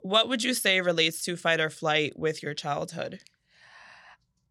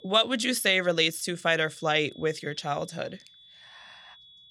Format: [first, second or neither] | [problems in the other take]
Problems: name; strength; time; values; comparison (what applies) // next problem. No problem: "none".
first | high-pitched whine; faint; throughout; 3.5 kHz, 25 dB below the speech